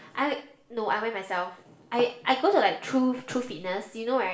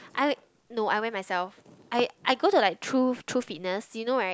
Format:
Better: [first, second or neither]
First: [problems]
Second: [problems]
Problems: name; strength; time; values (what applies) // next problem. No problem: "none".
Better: second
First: room echo; dies away in 0.5 s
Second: none